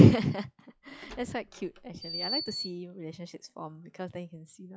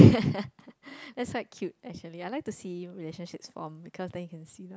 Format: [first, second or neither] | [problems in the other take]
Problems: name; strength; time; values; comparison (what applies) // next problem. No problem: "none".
second | noise reduction (classical method log-MMSE)